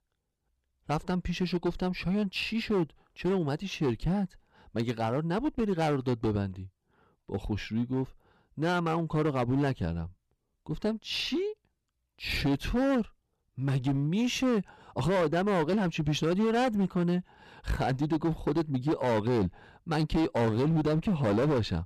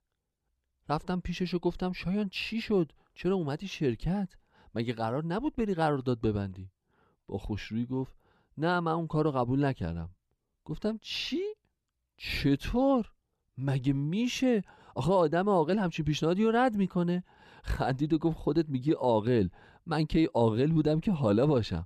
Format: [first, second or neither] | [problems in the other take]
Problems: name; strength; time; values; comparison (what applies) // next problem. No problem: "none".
second | distortion; slight; 12% of the sound clipped